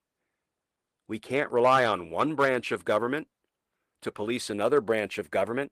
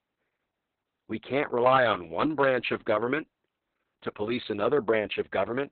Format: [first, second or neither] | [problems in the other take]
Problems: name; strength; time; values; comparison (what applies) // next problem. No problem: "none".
first | garbled, watery; badly; nothing above 4 kHz; slightly in the first